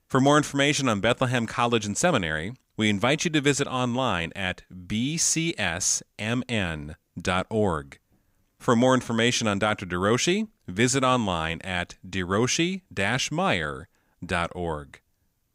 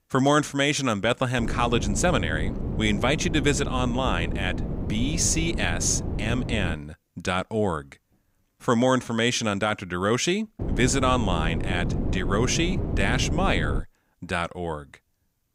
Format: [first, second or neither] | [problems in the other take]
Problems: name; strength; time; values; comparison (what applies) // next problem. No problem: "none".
first | wind noise on the microphone; occasional gusts; from 1.5 to 6.5 s and from 11 to 14 s; 10 dB below the speech